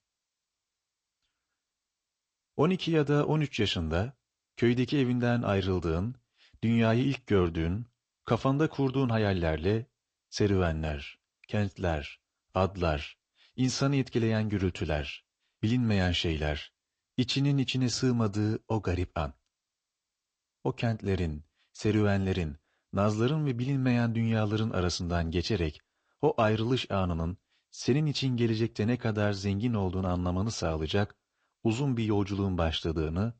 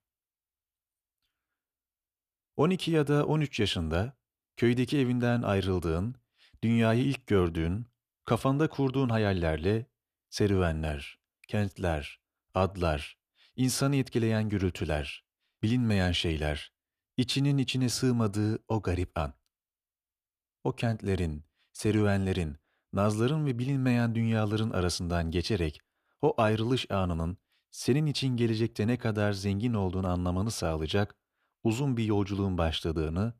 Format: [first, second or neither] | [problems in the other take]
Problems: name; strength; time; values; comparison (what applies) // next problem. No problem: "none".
second | garbled, watery; slightly; nothing above 7.5 kHz